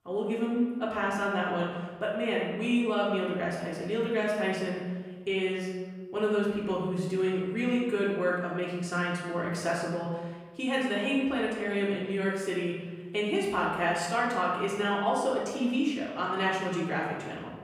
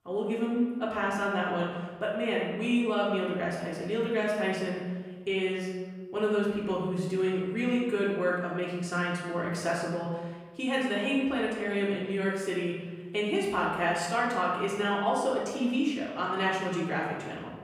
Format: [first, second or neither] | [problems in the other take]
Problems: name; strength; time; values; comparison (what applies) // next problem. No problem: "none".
neither | room echo; noticeable; dies away in 1.1 s; the same in both // off-mic speech; far; the same in both